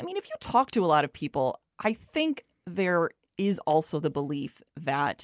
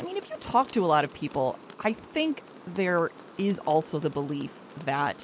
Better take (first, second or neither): first